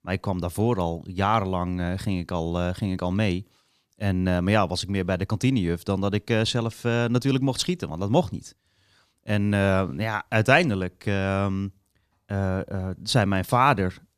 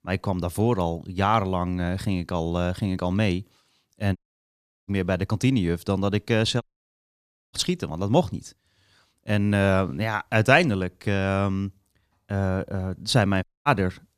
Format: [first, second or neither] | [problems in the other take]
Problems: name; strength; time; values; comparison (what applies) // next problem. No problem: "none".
first | audio cutting out; at 4 s for 0.5 s, at 6.5 s for 1 s and at 13 s